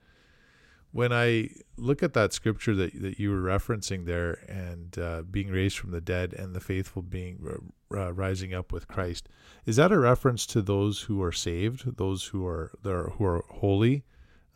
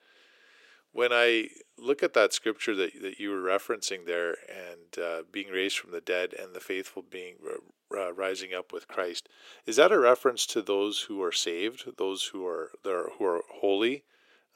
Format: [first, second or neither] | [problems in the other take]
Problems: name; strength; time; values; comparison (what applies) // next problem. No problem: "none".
first | thin; very; fading below 350 Hz